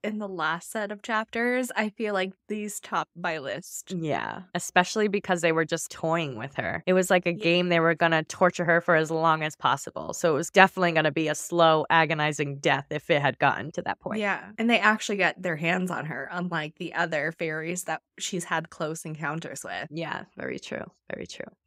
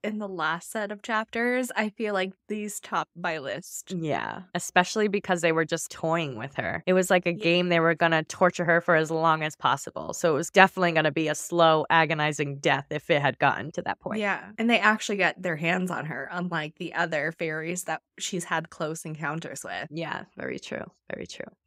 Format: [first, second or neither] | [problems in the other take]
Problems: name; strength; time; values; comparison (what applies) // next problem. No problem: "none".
neither | none